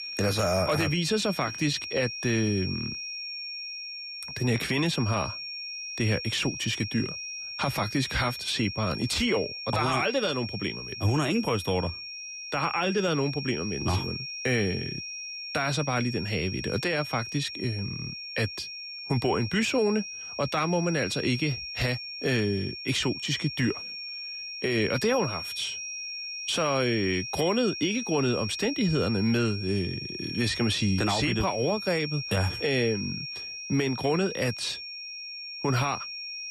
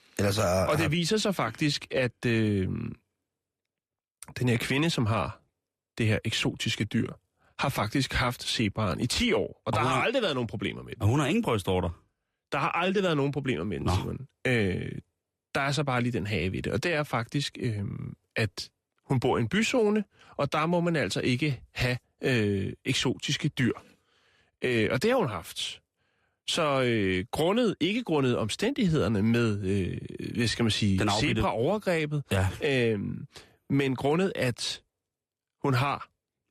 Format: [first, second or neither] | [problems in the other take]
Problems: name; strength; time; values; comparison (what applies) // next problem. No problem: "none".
second | high-pitched whine; loud; throughout; 5.5 kHz, 7 dB below the speech